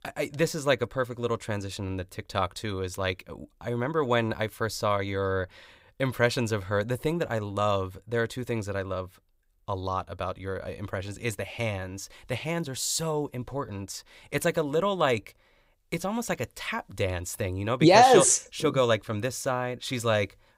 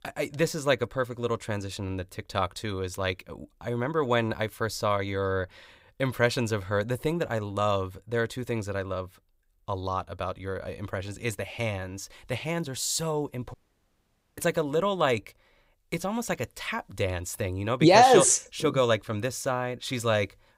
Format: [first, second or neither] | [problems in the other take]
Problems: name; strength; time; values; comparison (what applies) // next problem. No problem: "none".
first | audio cutting out; at 14 s for 1 s